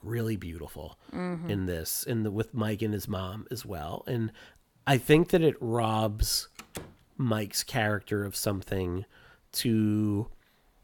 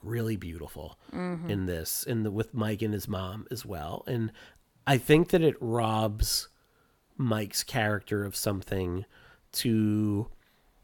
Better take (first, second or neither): second